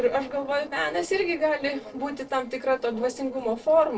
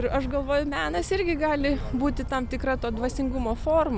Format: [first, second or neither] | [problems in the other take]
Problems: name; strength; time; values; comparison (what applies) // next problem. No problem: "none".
second | noise reduction (neural separator model SepFormer DNS4)